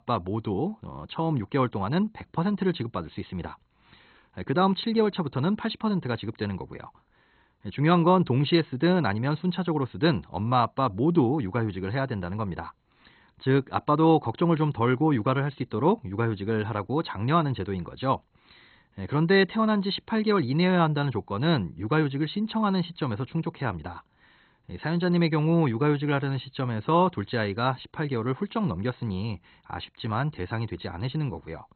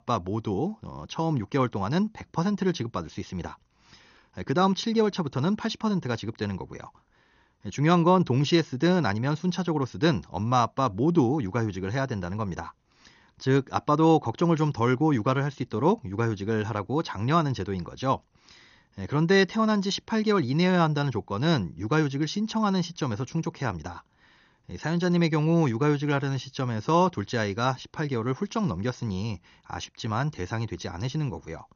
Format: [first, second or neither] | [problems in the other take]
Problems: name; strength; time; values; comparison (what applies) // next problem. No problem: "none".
second | garbled, watery; badly; nothing above 4 kHz; slightly in the second